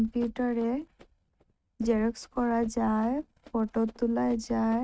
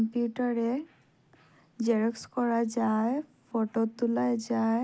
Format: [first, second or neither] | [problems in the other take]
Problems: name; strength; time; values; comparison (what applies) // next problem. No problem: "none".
second | noise reduction (neural mask model RNNoise)